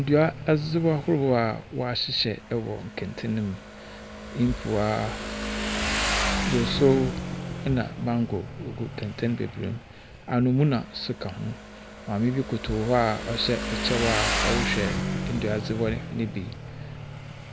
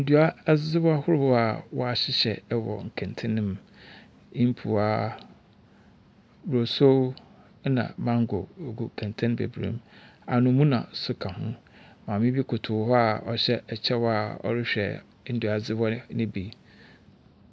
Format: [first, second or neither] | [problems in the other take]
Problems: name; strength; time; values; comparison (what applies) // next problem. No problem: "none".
second | background sound (Motorcycle); 5 dB below the speech